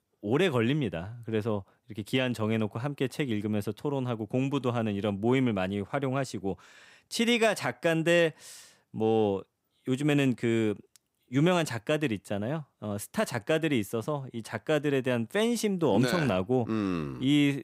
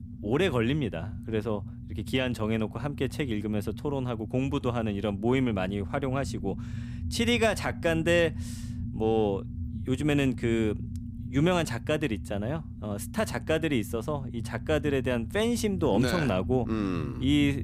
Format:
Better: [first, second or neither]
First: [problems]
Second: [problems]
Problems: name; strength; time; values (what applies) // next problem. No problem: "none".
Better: first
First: none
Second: low rumble; noticeable; throughout; 15 dB below the speech